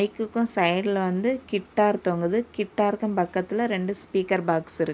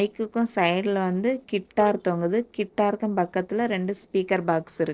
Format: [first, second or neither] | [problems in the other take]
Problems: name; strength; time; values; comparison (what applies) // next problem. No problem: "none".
first | noise reduction (neural separator model SepFormer DNS4)